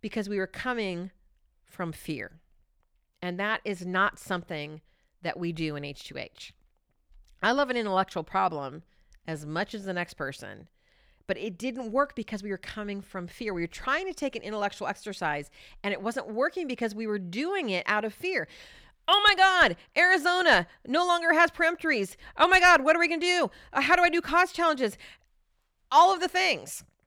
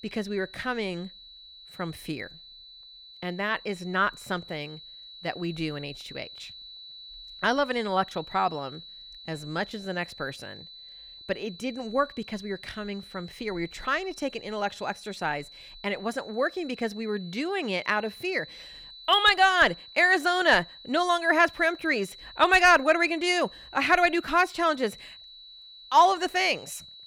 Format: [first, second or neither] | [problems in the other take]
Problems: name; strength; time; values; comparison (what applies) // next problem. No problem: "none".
first | high-pitched whine; noticeable; throughout; 4 kHz, 20 dB below the speech